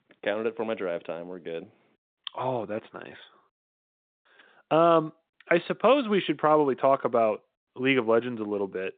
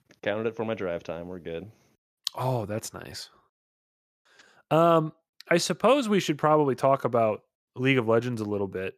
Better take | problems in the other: second | phone-call audio; nothing above 3.5 kHz

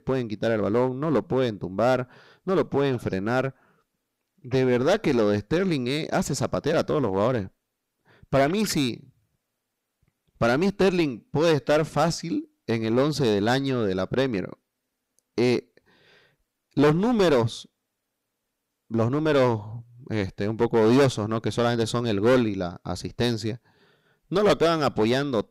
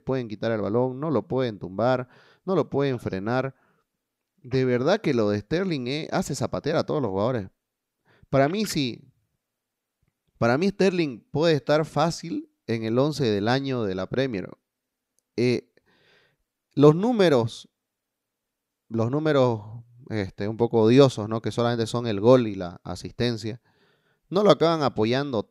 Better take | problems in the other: second | distortion; heavy; 6% of the sound clipped

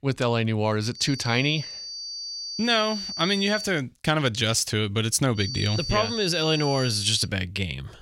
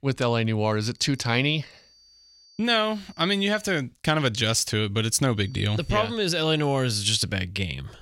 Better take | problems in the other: second | high-pitched whine; loud; from 1 to 3.5 s and from 5.5 to 7 s; 4.5 kHz, 8 dB below the speech; faint in the second

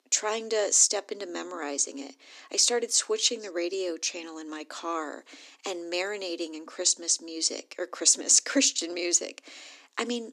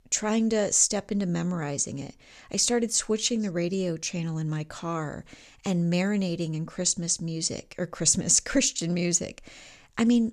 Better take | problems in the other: second | thin; somewhat; fading below 250 Hz

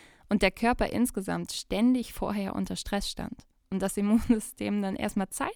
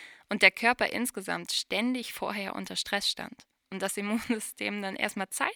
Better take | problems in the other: first | thin; somewhat; fading below 550 Hz

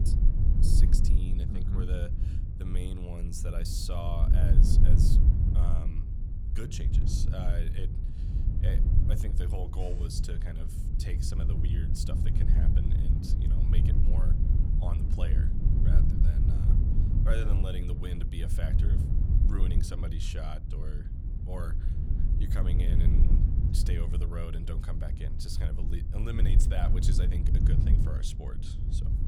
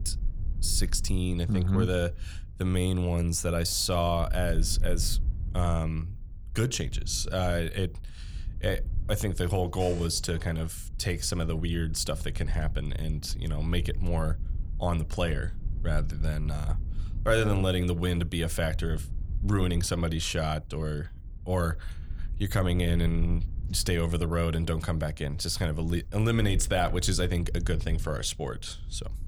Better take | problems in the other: second | low rumble; loud; throughout; 1 dB below the speech; faint in the second

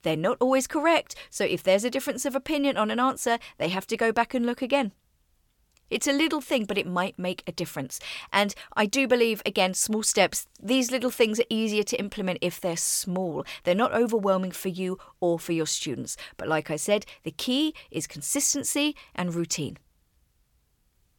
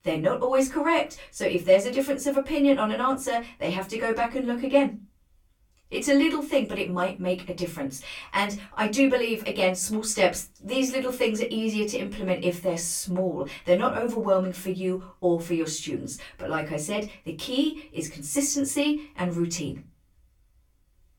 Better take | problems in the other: first | off-mic speech; far // room echo; very slight; dies away in 0.2 s

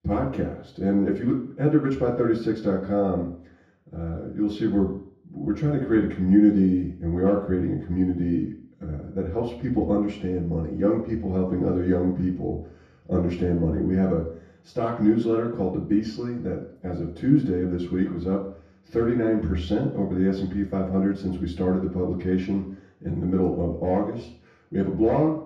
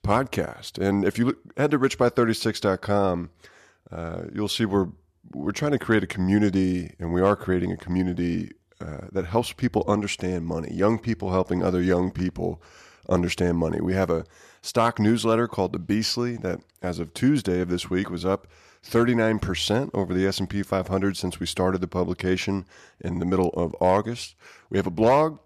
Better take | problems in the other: second | room echo; noticeable; dies away in 0.6 s // off-mic speech; far

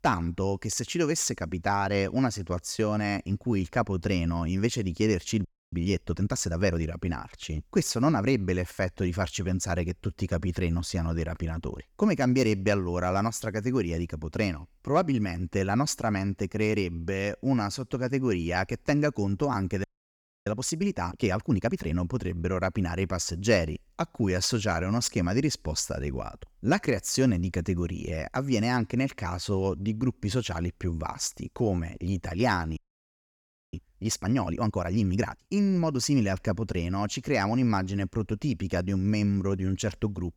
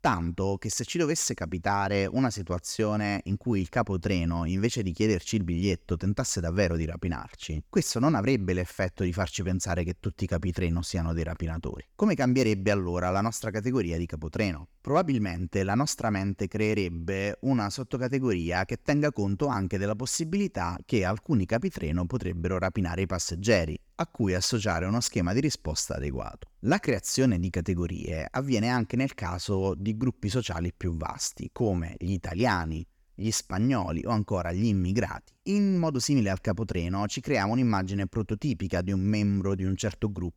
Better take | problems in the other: second | audio freezing; at 5.5 s, at 20 s for 0.5 s and at 33 s for 1 s

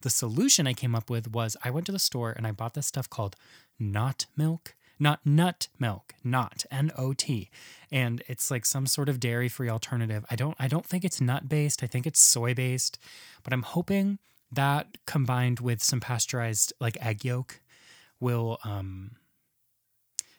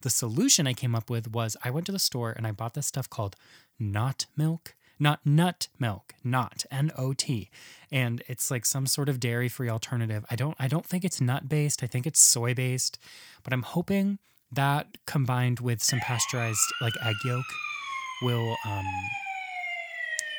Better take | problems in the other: first | siren; noticeable; from 16 s on; peak 4 dB below the speech

